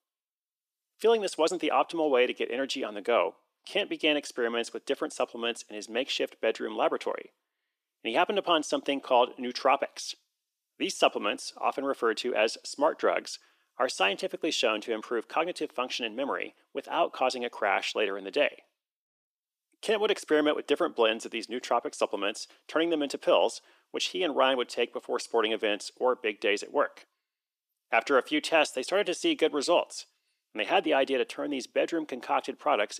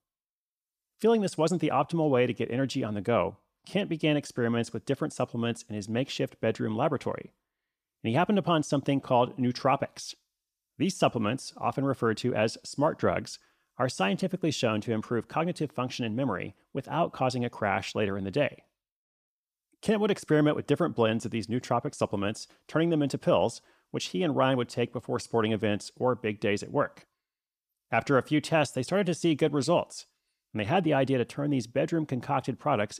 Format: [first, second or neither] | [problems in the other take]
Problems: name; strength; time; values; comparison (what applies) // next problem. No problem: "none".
second | thin; somewhat; fading below 300 Hz